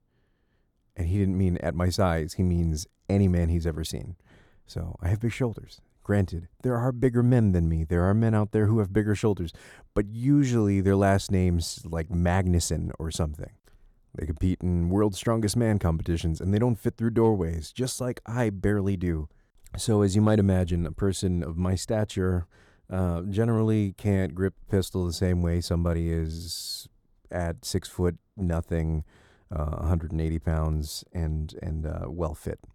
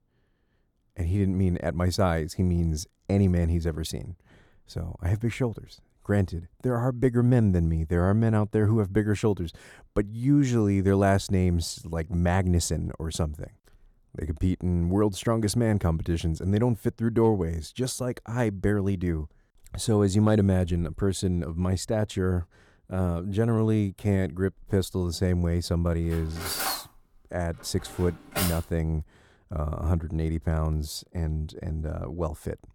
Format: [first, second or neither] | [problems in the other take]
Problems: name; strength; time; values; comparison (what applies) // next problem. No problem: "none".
first | clattering dishes; noticeable; from 26 to 29 s; peak 3 dB below the speech